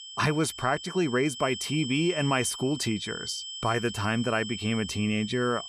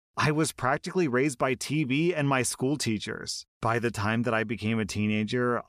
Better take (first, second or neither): second